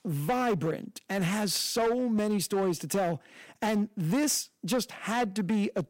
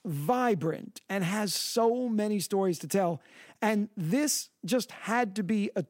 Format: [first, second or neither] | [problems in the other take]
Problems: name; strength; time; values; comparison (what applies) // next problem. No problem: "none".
second | distortion; slight; 11% of the sound clipped